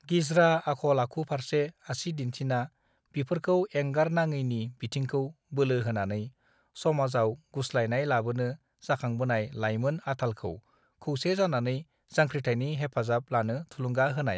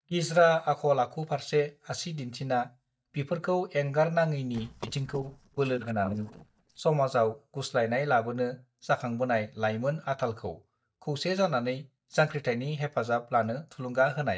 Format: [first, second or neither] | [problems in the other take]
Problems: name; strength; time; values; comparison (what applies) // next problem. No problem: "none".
first | noise reduction (neural mask model DeepFilterNet 3)